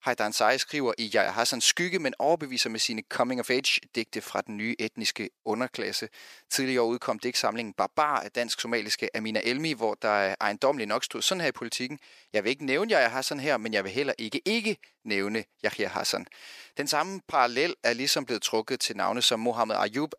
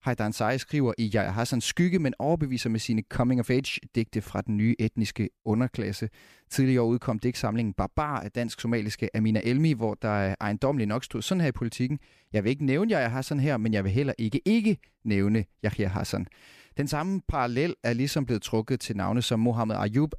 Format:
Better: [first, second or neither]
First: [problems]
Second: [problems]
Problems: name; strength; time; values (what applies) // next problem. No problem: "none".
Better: second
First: thin; somewhat; fading below 500 Hz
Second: none